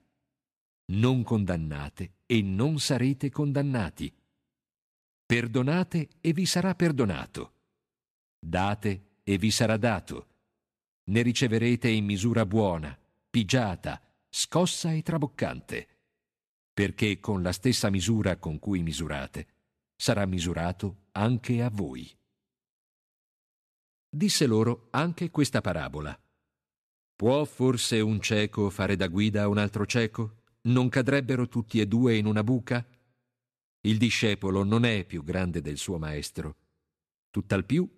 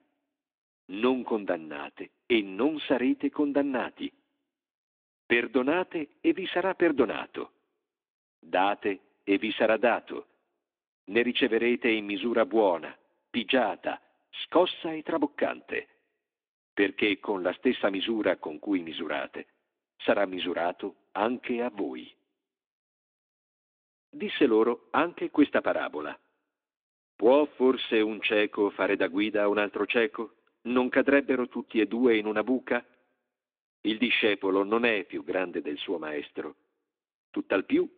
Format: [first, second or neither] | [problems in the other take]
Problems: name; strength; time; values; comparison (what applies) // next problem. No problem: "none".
first | phone-call audio; nothing above 3.5 kHz